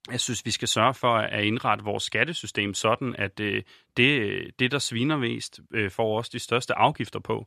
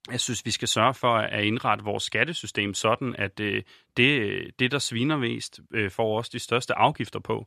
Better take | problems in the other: neither | none

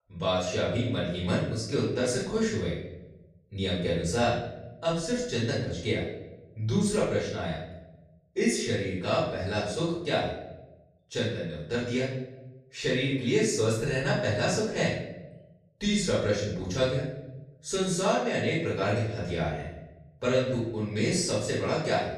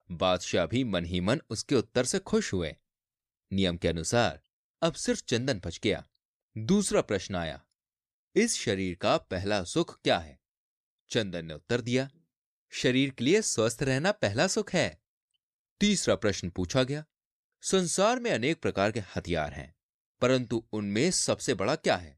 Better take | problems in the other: second | off-mic speech; far // room echo; noticeable; dies away in 0.8 s

